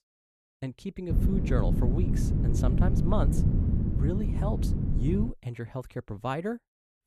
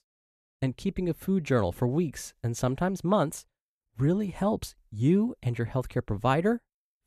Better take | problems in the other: second | wind noise on the microphone; heavy; from 1 to 5.5 s; 2 dB below the speech

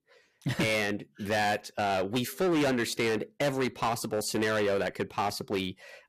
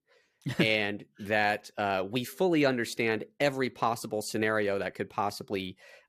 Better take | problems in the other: second | distortion; heavy; 14% of the sound clipped

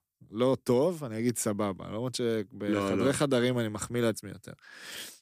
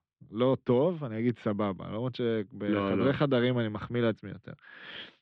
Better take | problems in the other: first | muffled; very; fading above 3.5 kHz

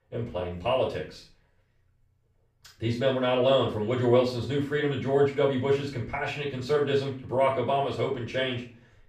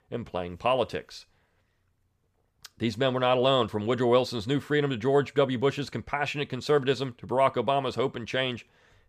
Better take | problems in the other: second | off-mic speech; far // room echo; slight; dies away in 0.4 s

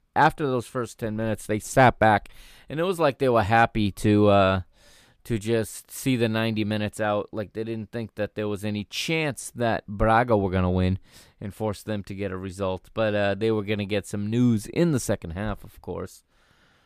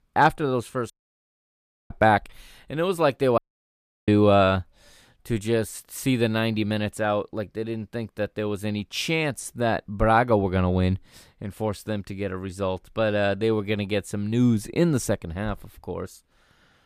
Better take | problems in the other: first | audio cutting out; at 1 s for 1 s and at 3.5 s for 0.5 s

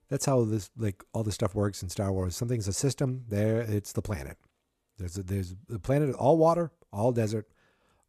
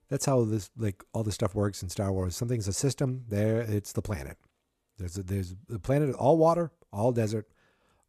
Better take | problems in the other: neither | none

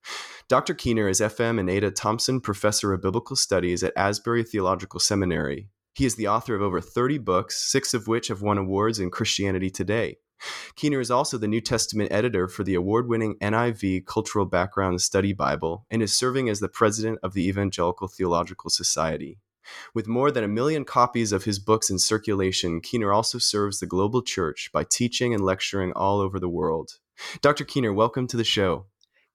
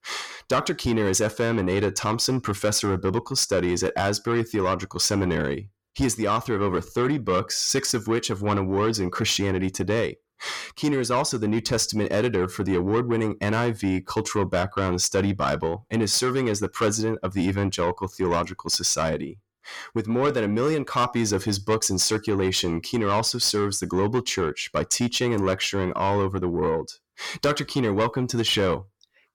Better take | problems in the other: first | distortion; slight; 10 dB below the speech

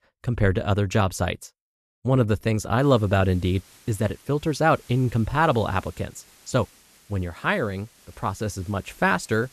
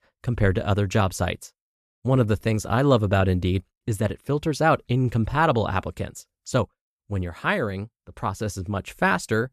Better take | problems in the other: second | hiss; faint; from 3 s on; 25 dB below the speech

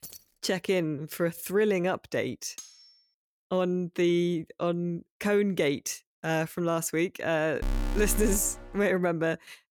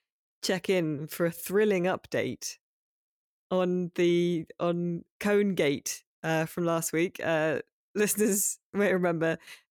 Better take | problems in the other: second | jangling keys; faint; at the start; peak 15 dB below the speech // clattering dishes; faint; at 2.5 s; peak 15 dB below the speech // alarm; noticeable; from 7.5 to 8.5 s; peak 4 dB below the speech

